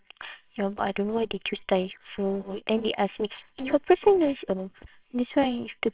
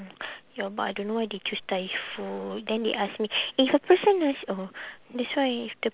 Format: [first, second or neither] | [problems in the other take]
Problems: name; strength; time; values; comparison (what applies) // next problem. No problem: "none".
second | noise reduction (neural separator model SepFormer WHAMR!)